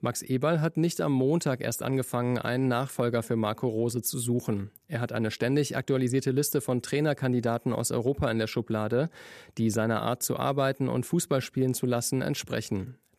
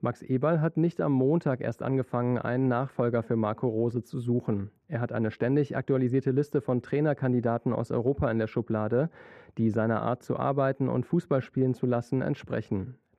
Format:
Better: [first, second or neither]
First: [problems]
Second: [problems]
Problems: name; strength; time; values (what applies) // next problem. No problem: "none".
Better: first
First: none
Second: muffled; very; fading above 3.5 kHz